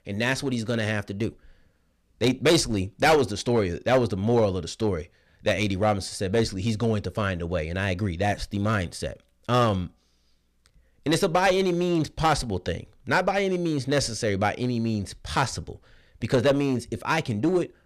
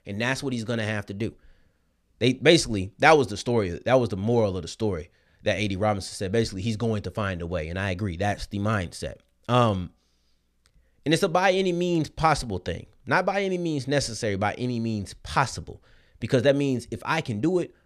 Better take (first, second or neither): second